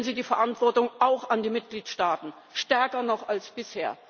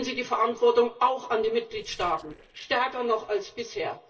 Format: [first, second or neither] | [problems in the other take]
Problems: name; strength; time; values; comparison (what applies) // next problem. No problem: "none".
first | noise reduction (neural separator model SepFormer DNS4)